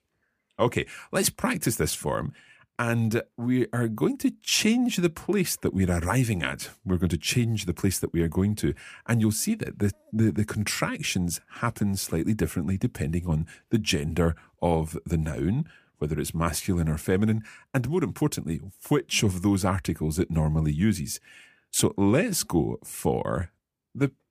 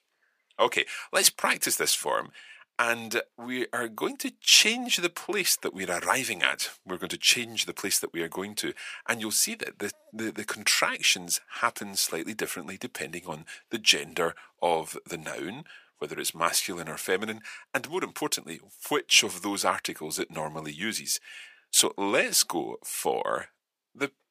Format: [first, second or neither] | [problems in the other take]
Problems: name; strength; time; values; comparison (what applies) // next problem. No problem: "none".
first | thin; very; fading below 550 Hz